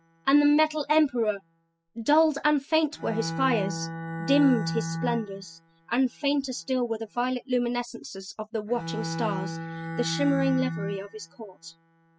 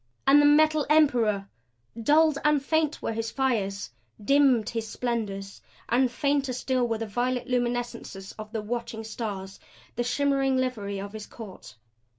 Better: second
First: noise reduction (classical method spectral subtraction)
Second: none

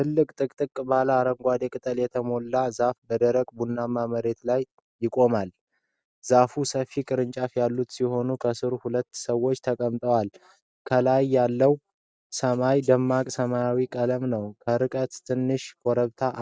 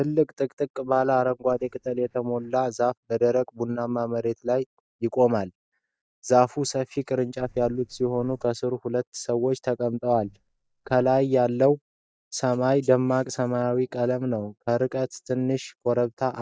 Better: first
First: none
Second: noise reduction (neural mask model DeepFilterNet 3)

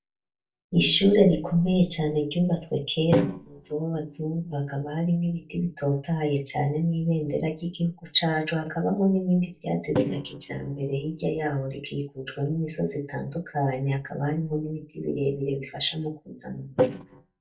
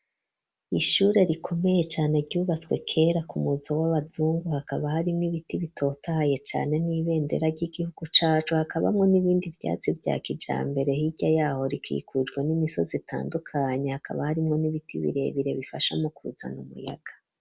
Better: second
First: noise reduction (neural mask model DeepFilterNet 3)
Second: none

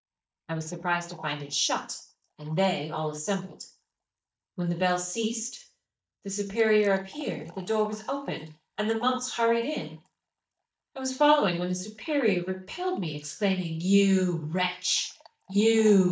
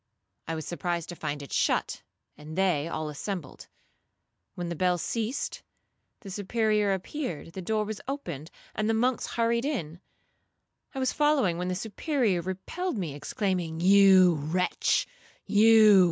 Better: second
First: noise reduction (neural mask model DeepFilterNet 3)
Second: none

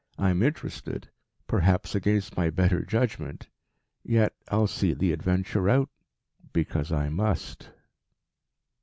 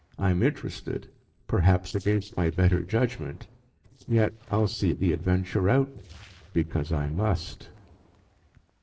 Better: first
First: none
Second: noise reduction (neural separator model SepFormer DNS4)

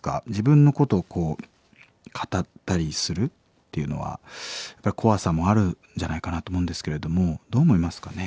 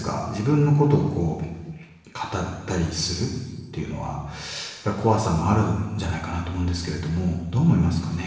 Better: first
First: none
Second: room echo; dies away in 1.3 s

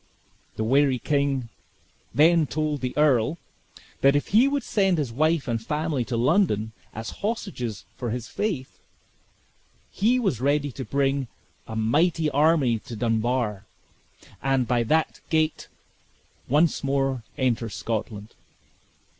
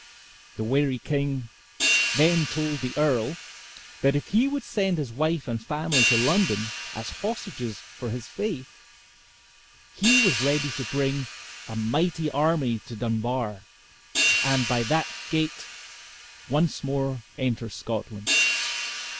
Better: first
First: none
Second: background sound (Hi-hat); 4 dB below the speech

